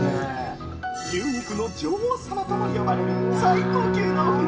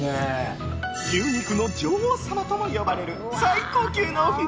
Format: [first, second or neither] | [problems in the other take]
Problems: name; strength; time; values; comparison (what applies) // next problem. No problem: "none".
second | background sound (Bowed string instrument); as loud as the speech // room echo; dies away in 0.2 s